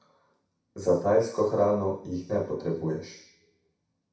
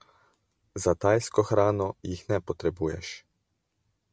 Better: second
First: room echo; dies away in 0.6 s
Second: none

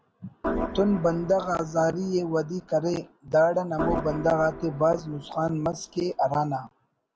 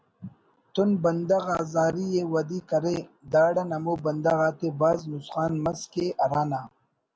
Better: second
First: background sound (Organ); 9 dB below the speech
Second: none

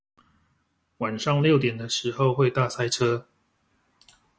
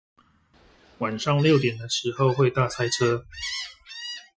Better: first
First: none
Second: noise reduction (classical method Wiener filter)

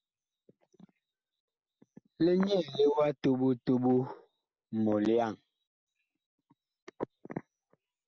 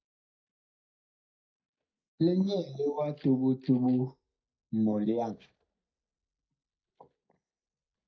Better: first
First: none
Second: noise reduction (neural mask model DeepFilterNet 3)

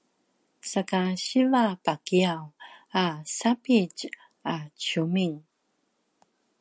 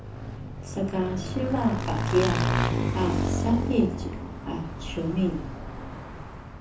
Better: first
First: none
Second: background sound (Motorcycle / Engine); as loud as the speech // room echo; dies away in 0.6 s

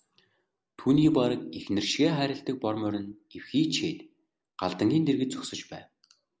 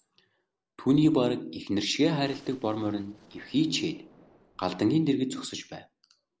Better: first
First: none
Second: noise reduction (neural separator model SepFormer DNS4)

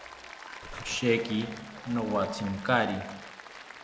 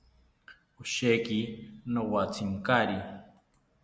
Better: second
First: background sound (Applause + Breathing); 12 dB below the speech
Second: none

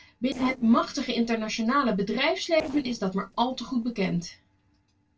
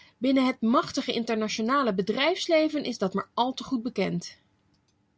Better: second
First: noise reduction (neural separator model SepFormer DNS4)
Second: none

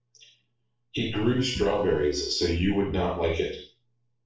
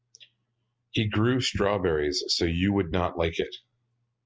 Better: second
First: noise reduction (neural separator model SepFormer DNS4)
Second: none

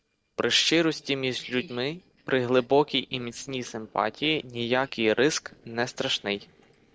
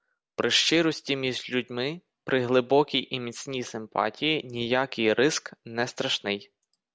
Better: second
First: noise reduction (neural separator model SepFormer DNS4)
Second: none

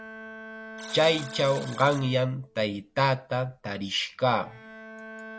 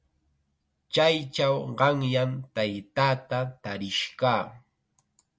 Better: second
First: background sound (Alarm + Bowed string instrument); 15 dB below the speech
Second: none

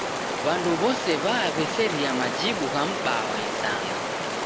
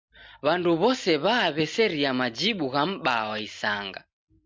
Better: second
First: background sound (Stream); 1 dB below the speech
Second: none

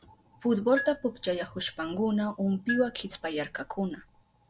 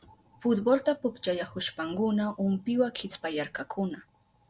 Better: second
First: background sound (Marimba, xylophone); 11 dB below the speech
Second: none

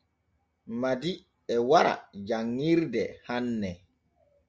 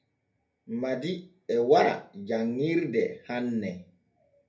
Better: first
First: none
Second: room echo; dies away in 0.3 s

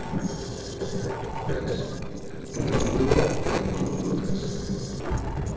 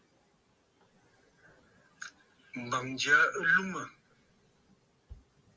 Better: second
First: noise reduction (neural separator model SepFormer DNS4)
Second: none

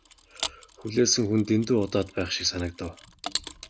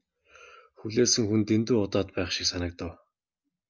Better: second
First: background sound (Mechanisms); 12 dB below the speech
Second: none

